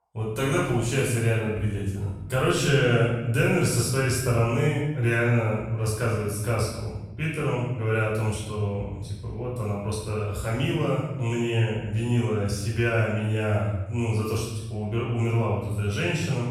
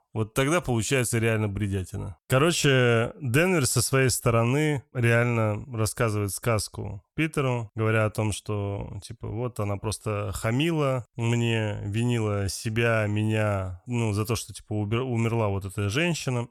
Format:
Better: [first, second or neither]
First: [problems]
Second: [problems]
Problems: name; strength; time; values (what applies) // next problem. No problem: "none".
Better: second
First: off-mic speech; far // room echo; noticeable; dies away in 0.9 s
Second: none